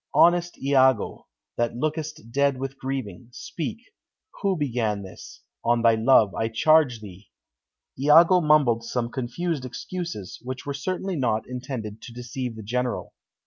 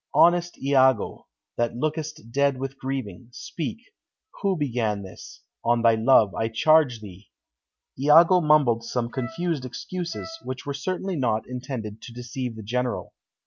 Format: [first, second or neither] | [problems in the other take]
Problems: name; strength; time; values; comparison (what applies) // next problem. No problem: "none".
first | background sound (Wind instrument, woodwind instrument); 19 dB below the speech